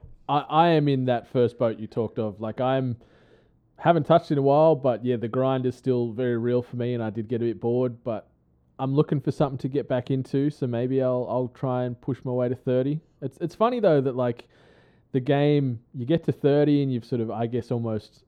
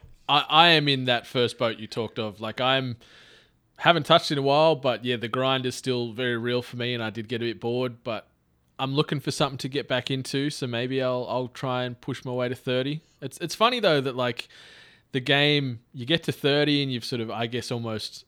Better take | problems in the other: second | muffled; very; fading above 1.5 kHz

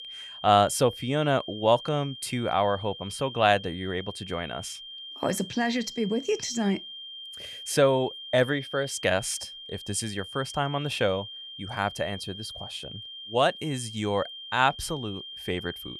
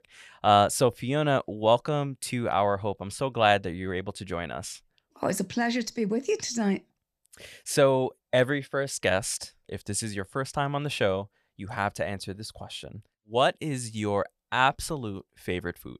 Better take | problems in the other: second | high-pitched whine; noticeable; throughout; 3 kHz, 10 dB below the speech

